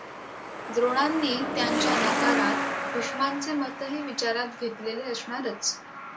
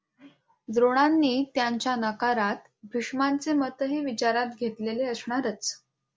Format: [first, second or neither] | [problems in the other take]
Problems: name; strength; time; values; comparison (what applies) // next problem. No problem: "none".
second | background sound (Truck); 1 dB below the speech // room echo; dies away in 0.2 s